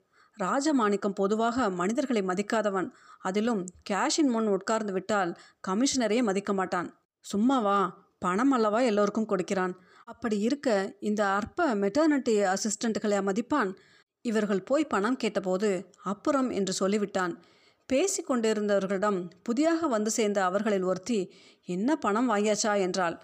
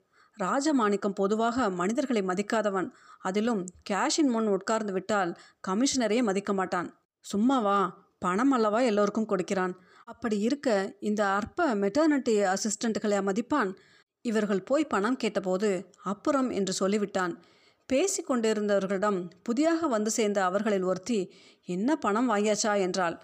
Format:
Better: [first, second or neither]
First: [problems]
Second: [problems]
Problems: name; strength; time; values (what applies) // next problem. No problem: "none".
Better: neither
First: none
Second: none